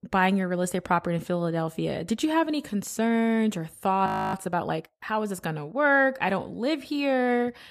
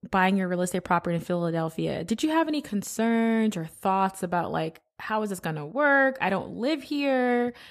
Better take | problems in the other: second | audio freezing; at 4 s

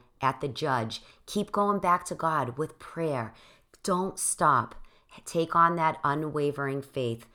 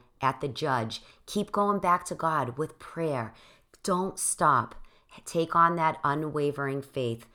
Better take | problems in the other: neither | none

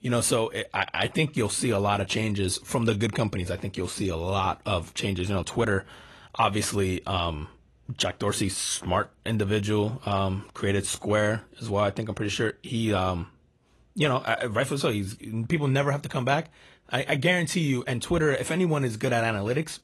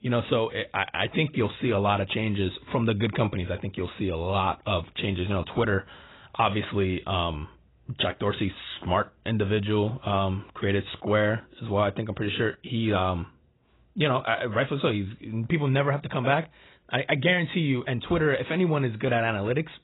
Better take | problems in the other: first | garbled, watery; badly; nothing above 4 kHz; slightly in the first

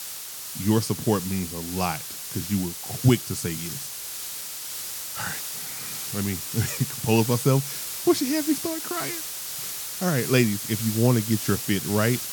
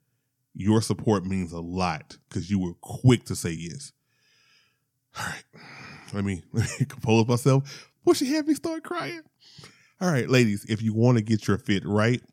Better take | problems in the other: second | hiss; loud; throughout; 5 dB below the speech

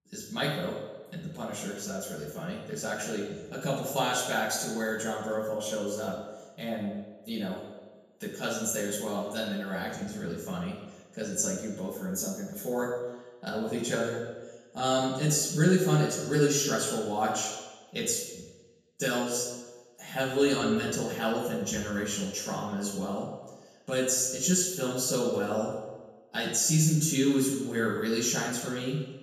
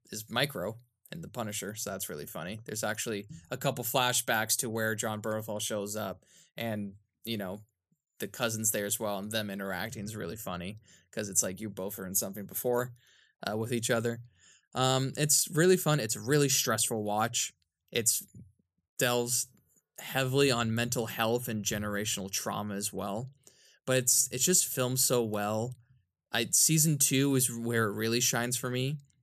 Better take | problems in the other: second | room echo; noticeable; dies away in 1.1 s // off-mic speech; far

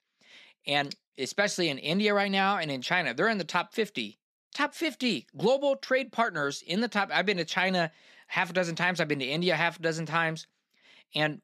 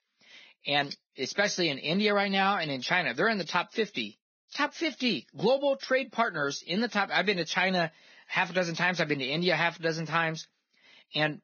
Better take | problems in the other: first | garbled, watery; badly; nothing above 6.5 kHz

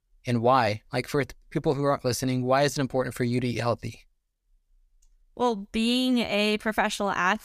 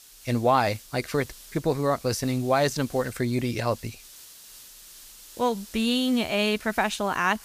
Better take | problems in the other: first | hiss; noticeable; throughout; 20 dB below the speech

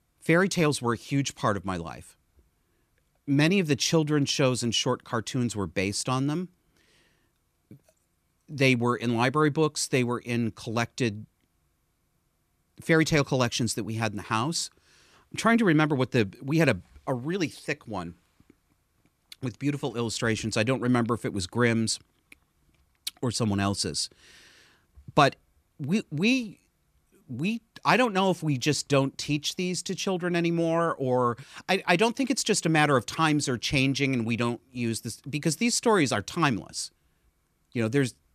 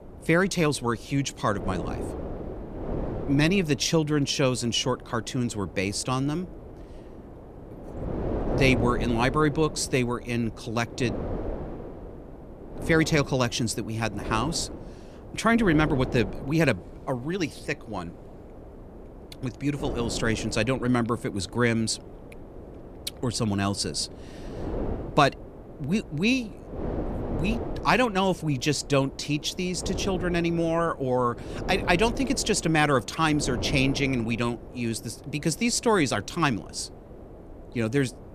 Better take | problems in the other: first | wind noise on the microphone; occasional gusts; 15 dB below the speech

